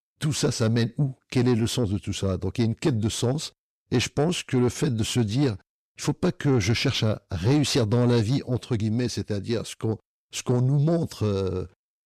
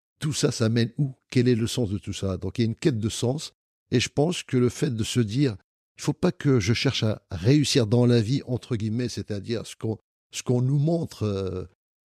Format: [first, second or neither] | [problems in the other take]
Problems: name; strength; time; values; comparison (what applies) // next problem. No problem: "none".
second | distortion; slight; 10 dB below the speech